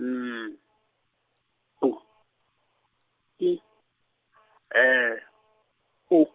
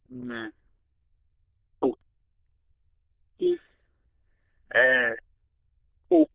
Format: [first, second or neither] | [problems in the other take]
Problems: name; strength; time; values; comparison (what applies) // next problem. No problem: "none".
first | noise reduction (neural diffusion model UNIVERSE++)